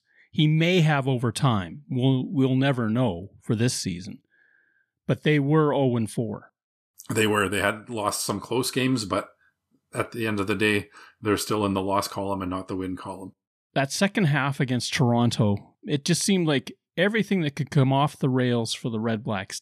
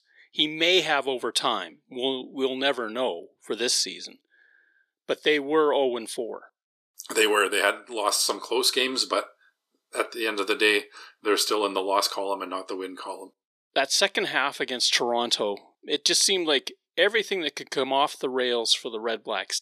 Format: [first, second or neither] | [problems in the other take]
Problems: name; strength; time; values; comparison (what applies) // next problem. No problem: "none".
first | thin; very; fading below 400 Hz